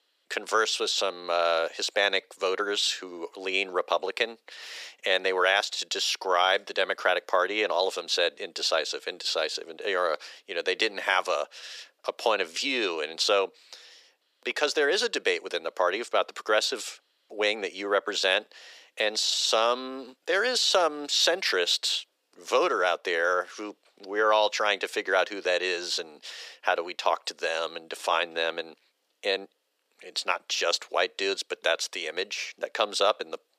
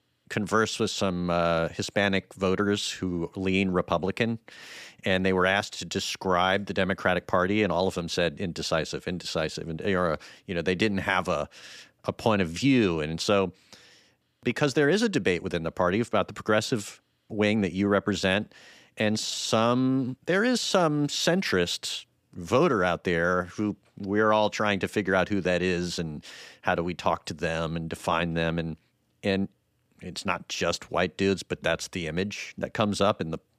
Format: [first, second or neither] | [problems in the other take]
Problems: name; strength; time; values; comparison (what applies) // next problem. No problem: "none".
second | thin; very; fading below 400 Hz